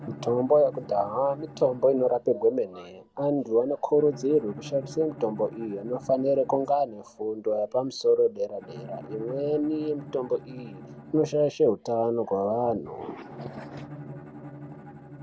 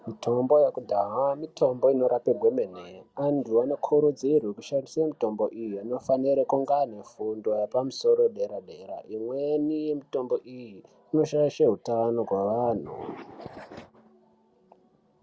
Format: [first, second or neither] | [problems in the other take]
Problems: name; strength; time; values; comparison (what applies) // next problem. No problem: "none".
second | background sound (Bowed string instrument); 17 dB below the speech